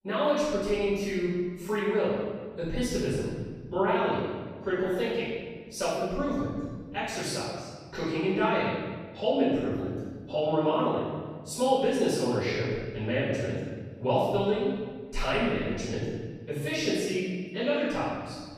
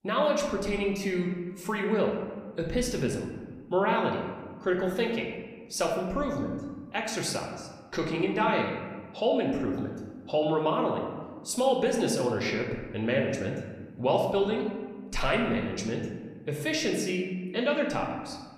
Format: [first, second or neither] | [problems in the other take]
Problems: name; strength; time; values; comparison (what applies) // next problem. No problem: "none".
second | room echo; strong; dies away in 1.7 s; slight in the second // off-mic speech; far; somewhat distant in the second